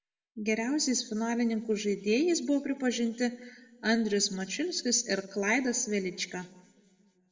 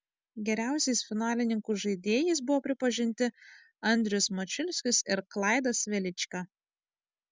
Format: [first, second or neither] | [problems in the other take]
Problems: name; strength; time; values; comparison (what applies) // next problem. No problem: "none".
second | room echo; dies away in 1.2 s